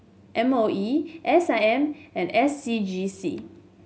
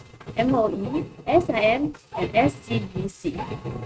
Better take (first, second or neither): first